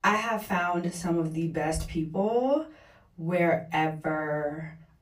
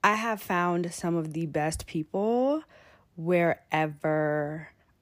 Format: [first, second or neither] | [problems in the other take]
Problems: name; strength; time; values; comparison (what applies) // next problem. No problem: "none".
second | off-mic speech; far // room echo; very slight; dies away in 0.3 s